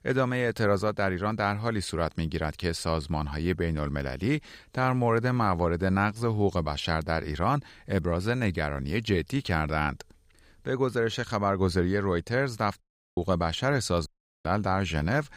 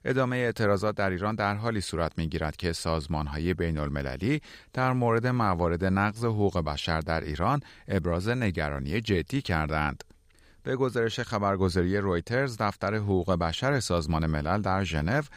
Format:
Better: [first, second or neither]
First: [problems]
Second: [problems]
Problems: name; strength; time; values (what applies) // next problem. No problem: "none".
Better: second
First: audio cutting out; at 13 s and at 14 s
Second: none